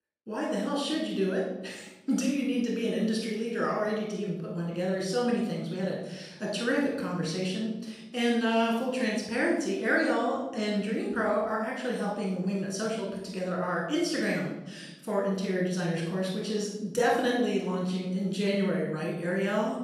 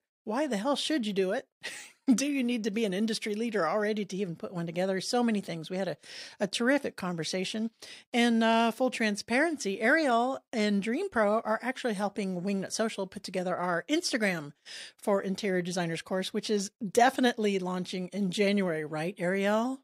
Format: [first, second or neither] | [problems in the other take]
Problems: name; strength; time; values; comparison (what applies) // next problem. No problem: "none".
second | off-mic speech; far // room echo; noticeable; dies away in 1 s